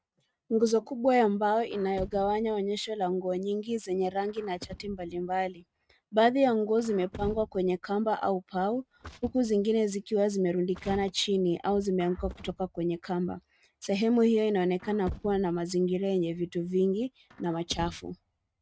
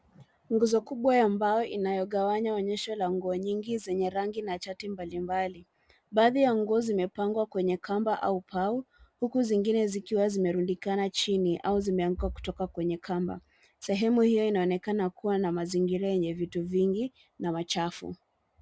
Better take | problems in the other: second | noise reduction (neural mask model RNNoise)

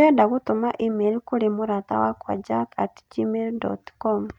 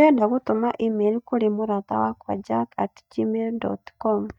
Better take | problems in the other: first | noise reduction (neural mask model DeepFilterNet 3)

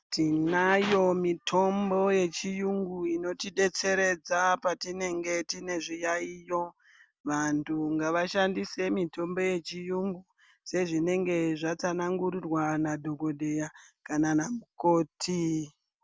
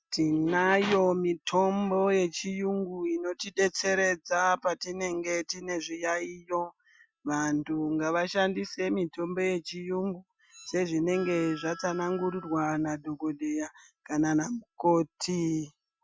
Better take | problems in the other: first | noise reduction (classical method Wiener filter)

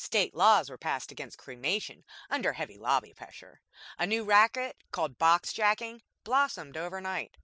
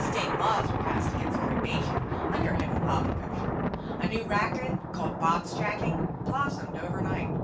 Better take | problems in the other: first | background sound (Thunder); 5 dB above the speech // room echo; dies away in 0.3 s

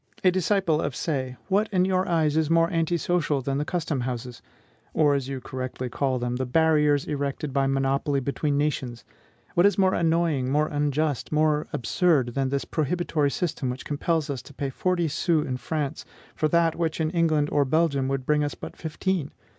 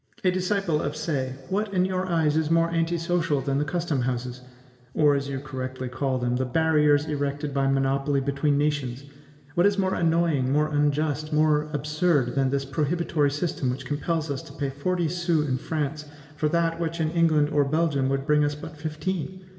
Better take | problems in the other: first | room echo; dies away in 1.7 s

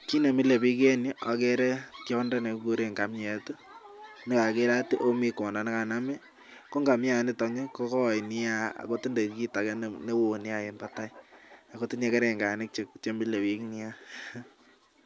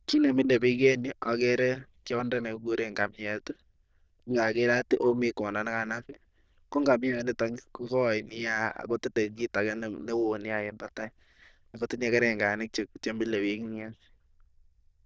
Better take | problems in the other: first | noise reduction (neural diffusion model UNIVERSE++)

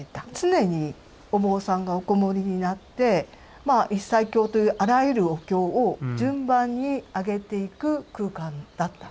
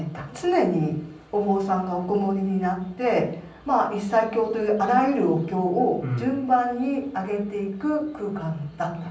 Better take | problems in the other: first | room echo; dies away in 0.6 s

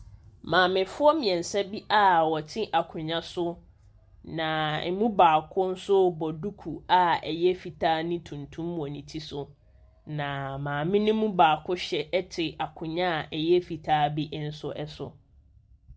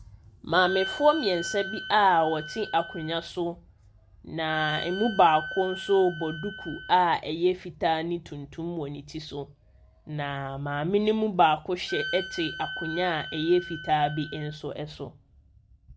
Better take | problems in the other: first | background sound (Wind instrument, woodwind instrument); 11 dB below the speech

